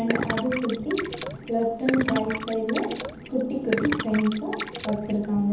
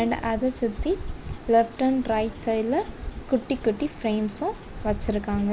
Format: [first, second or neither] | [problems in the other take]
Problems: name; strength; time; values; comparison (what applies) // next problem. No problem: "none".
second | background sound (Gurgling); 6 dB below the speech // room echo; dies away in 0.8 s